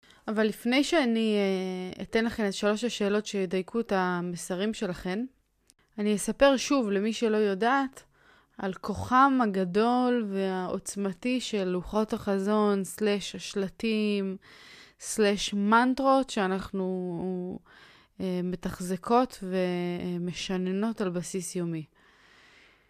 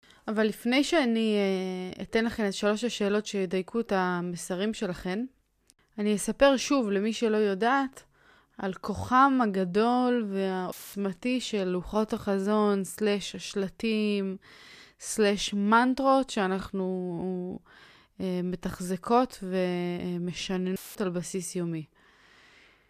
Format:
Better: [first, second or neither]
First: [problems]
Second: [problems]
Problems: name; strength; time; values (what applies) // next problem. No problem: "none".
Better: first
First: none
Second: audio cutting out; filled with static; at 11 s and at 21 s